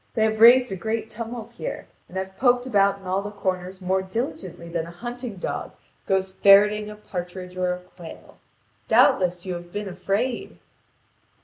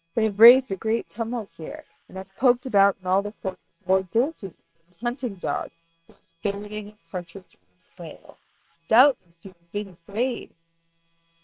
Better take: first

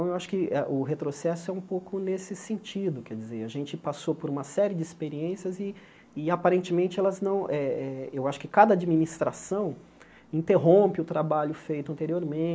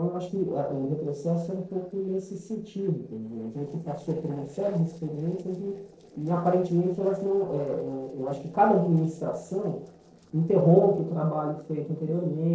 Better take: first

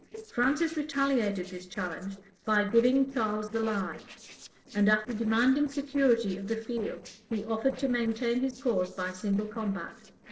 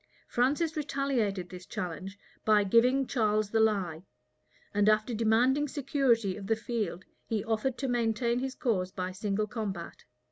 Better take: second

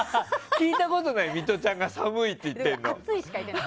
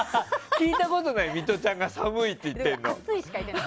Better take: first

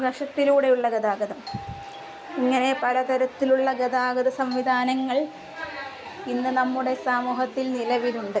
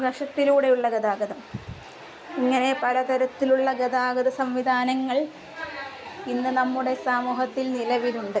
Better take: second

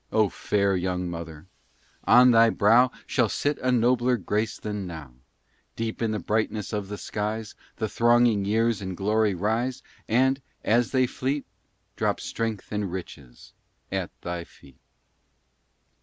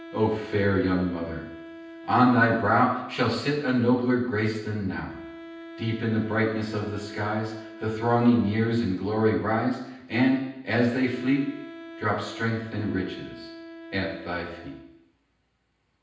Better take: first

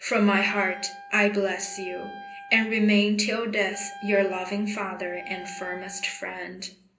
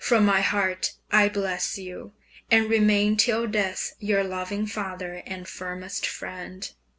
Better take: second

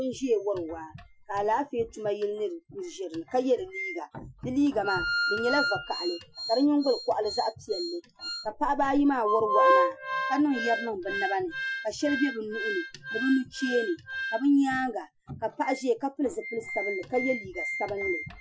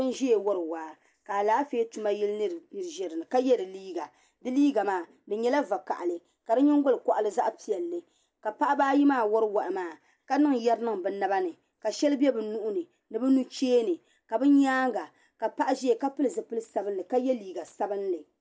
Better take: second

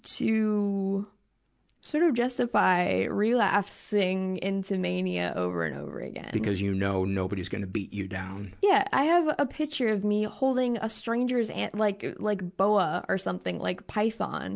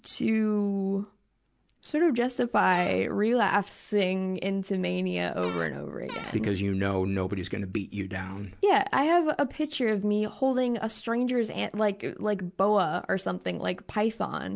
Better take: first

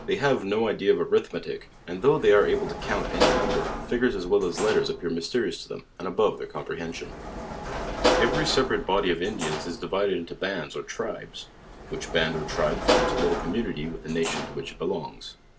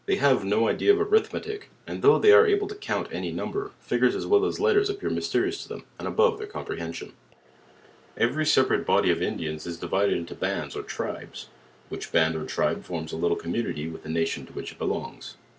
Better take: second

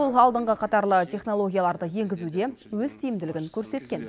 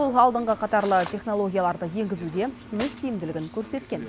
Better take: first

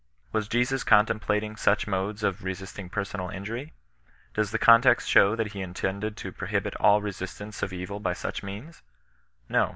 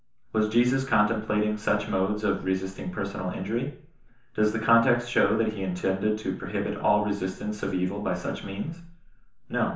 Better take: first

